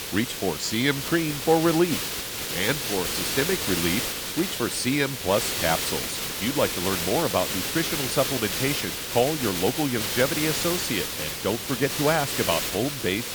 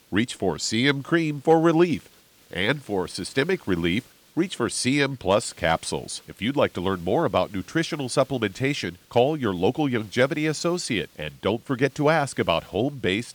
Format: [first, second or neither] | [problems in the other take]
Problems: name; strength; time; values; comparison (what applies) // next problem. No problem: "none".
second | hiss; loud; throughout; 1 dB below the speech; faint in the second